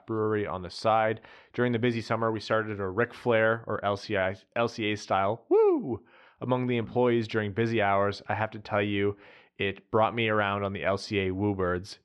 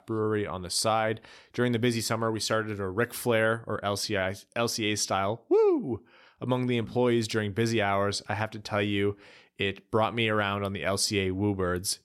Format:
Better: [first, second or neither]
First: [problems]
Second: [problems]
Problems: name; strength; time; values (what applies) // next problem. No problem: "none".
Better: second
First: muffled; slightly; fading above 2.5 kHz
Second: none